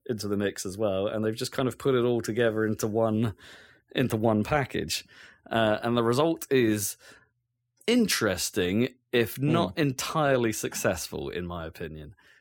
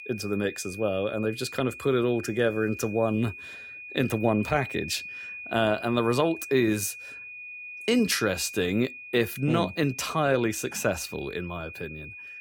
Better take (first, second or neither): first